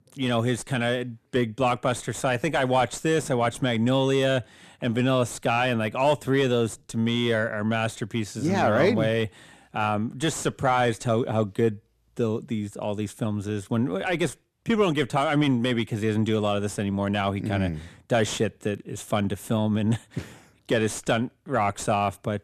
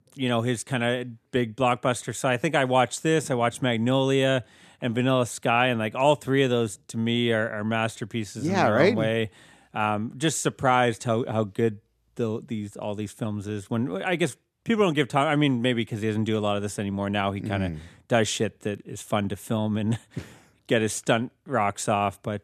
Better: second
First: distortion; slight; 10 dB below the speech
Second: none

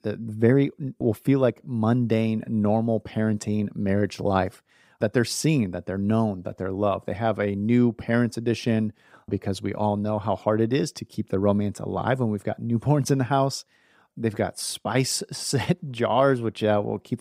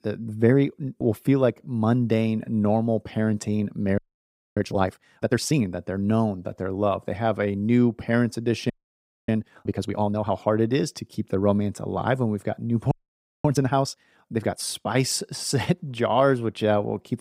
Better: first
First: none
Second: audio freezing; at 4 s for 0.5 s, at 8.5 s for 0.5 s and at 13 s for 0.5 s

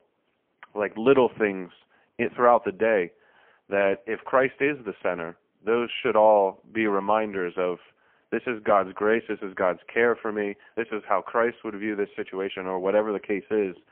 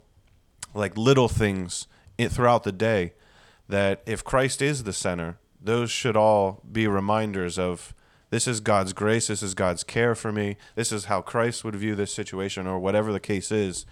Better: second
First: phone-call audio; poor line; nothing above 3 kHz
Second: none

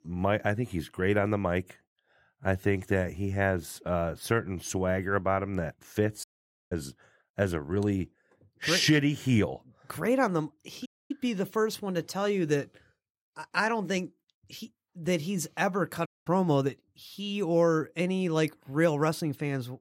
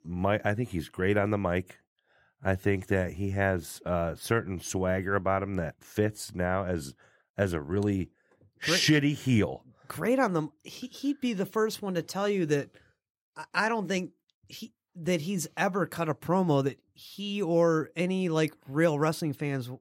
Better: second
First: audio cutting out; at 6 s, at 11 s and at 16 s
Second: none

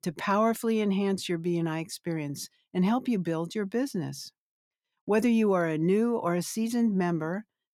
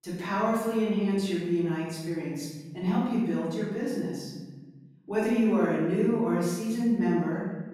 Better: first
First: none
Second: off-mic speech; far // room echo; strong; dies away in 1.3 s

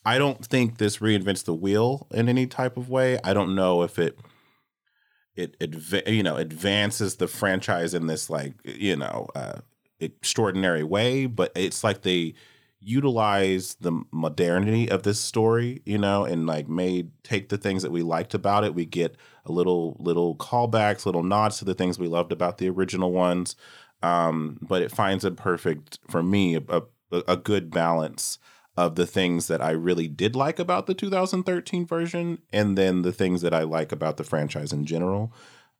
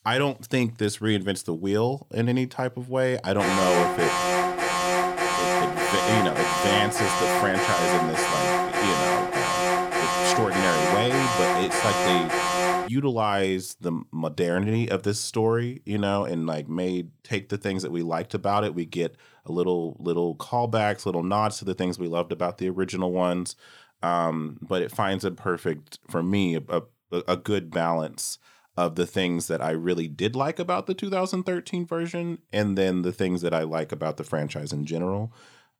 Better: first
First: none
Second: alarm; loud; from 3.5 to 13 s; peak 4 dB above the speech

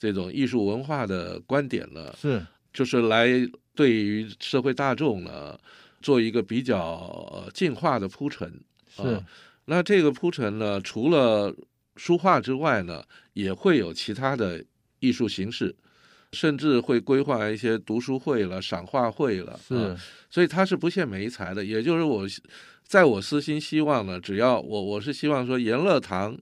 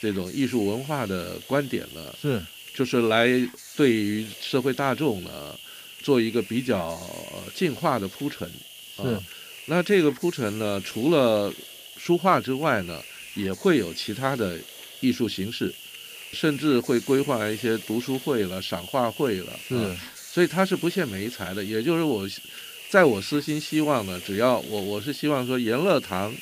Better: first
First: none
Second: hiss; noticeable; throughout; 15 dB below the speech

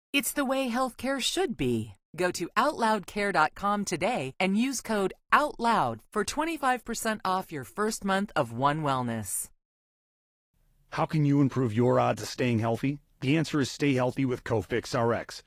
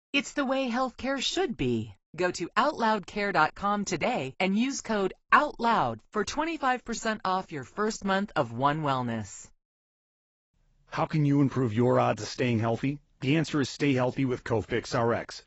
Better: first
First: garbled, watery; slightly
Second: garbled, watery; badly; nothing above 7.5 kHz

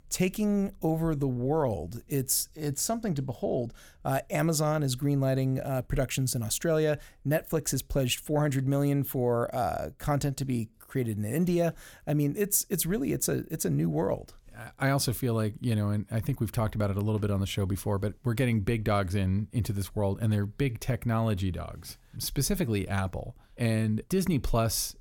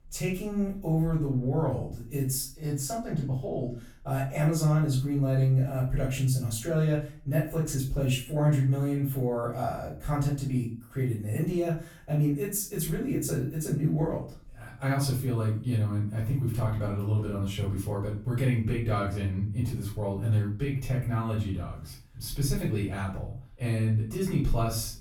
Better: first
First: none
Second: room echo; noticeable; dies away in 0.4 s // off-mic speech; far

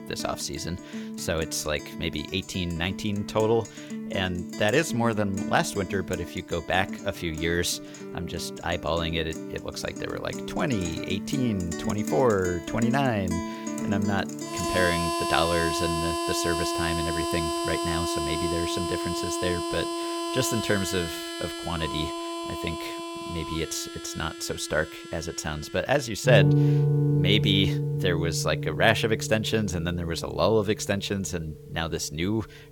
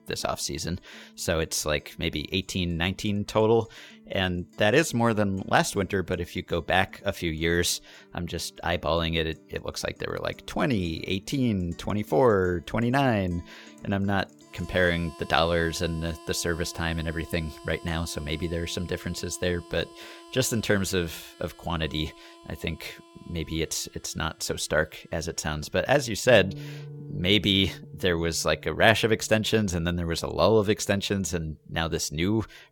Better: second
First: background music; loud; throughout; 3 dB below the speech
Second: background music; faint; throughout; 20 dB below the speech

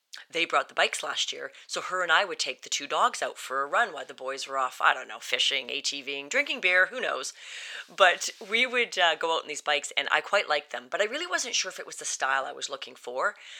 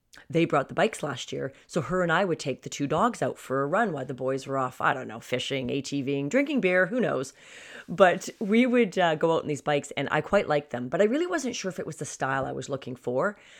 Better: second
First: thin; very; fading below 800 Hz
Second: none

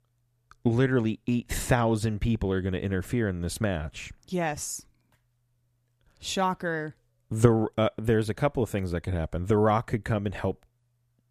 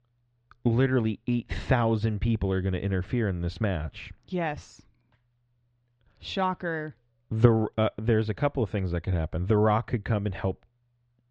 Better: first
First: none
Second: muffled; slightly; fading above 4 kHz

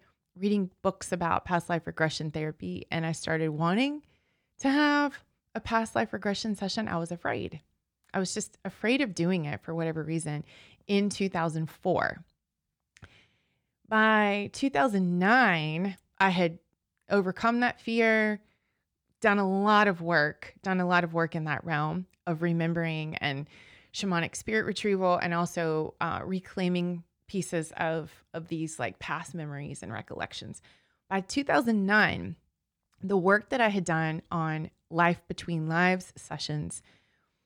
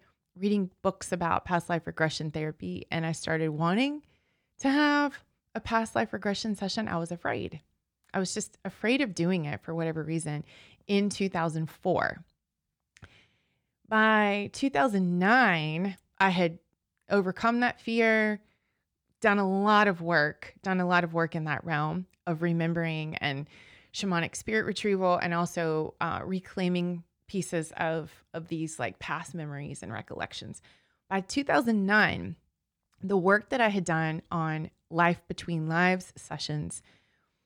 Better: neither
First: none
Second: none

